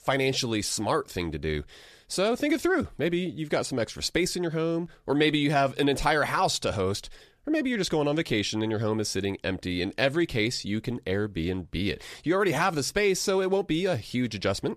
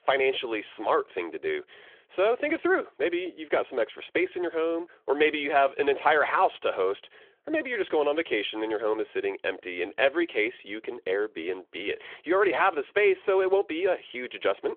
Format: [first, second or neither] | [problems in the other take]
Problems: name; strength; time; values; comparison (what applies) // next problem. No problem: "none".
first | phone-call audio; nothing above 3.5 kHz